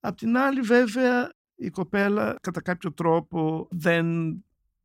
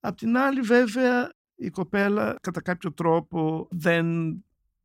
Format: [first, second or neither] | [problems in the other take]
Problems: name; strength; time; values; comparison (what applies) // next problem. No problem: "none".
neither | none